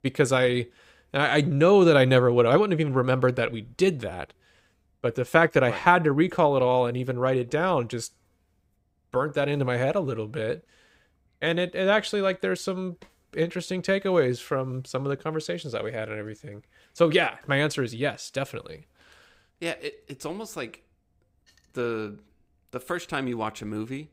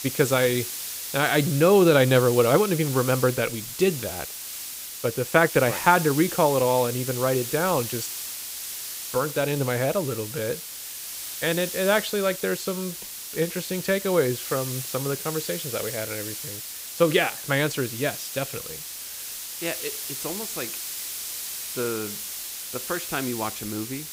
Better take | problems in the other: first | hiss; loud; throughout; 7 dB below the speech

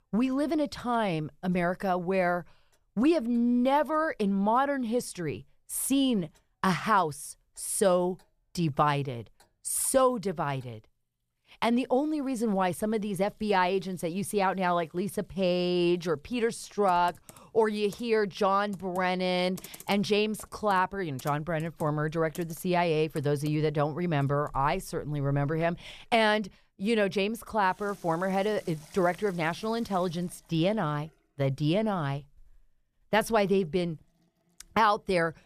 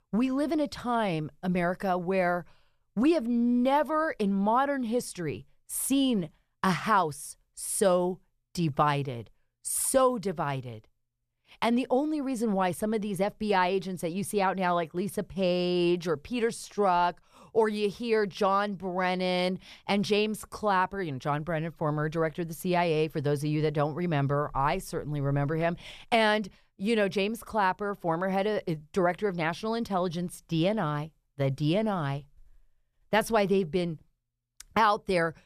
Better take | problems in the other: second | household noises; faint; throughout; 25 dB below the speech

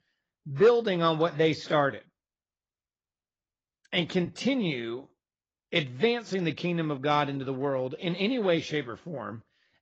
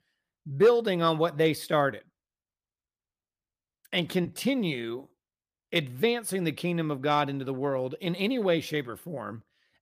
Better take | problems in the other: second | garbled, watery; badly; nothing above 7.5 kHz

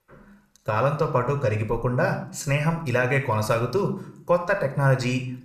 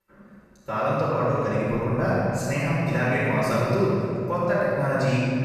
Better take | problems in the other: first | room echo; strong; dies away in 2.8 s; slight in the first // off-mic speech; far

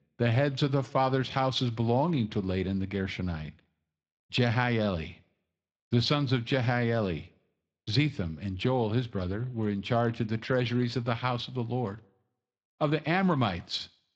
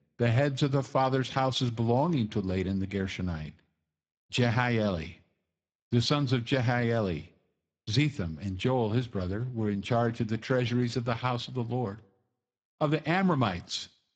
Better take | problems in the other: first | garbled, watery; badly; nothing above 7.5 kHz; slightly in the first

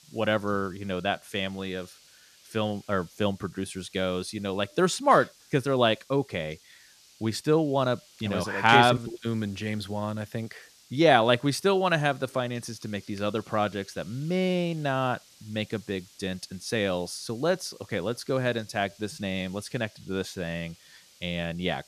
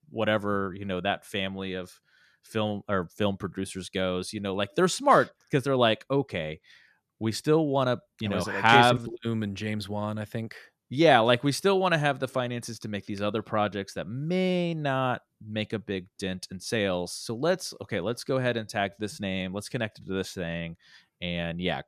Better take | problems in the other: second | hiss; faint; throughout; 25 dB below the speech

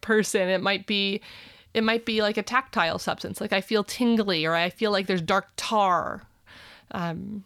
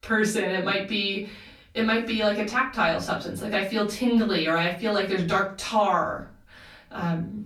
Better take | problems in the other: first | room echo; slight; dies away in 0.3 s // off-mic speech; far

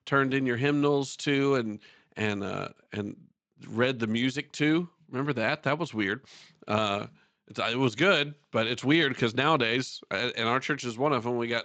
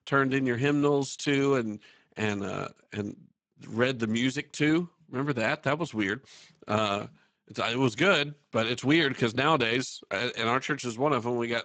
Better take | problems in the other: first | garbled, watery; badly; nothing above 7.5 kHz; slightly in the first

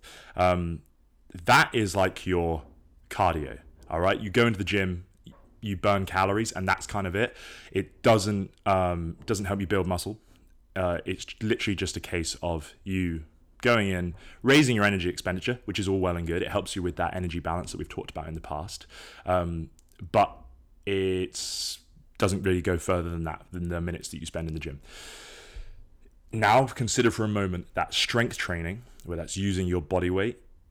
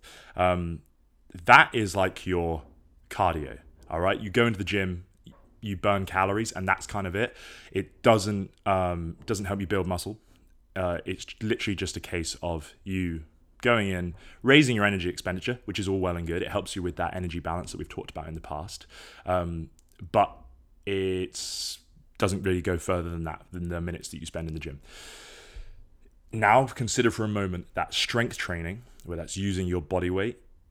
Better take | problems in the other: second | distortion; slight; 0.6% of the sound clipped

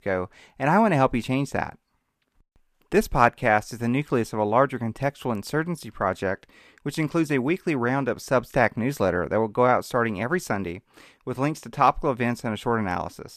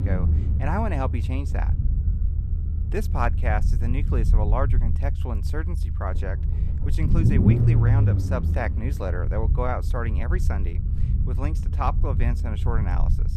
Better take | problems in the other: first | low rumble; loud; throughout; 6 dB below the speech

